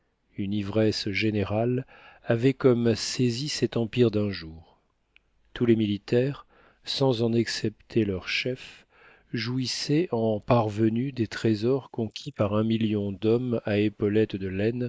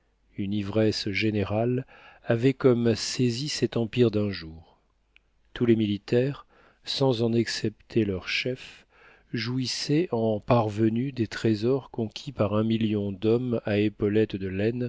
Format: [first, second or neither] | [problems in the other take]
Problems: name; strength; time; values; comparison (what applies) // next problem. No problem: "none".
second | noise reduction (neural mask model Resemble Enhance denoiser)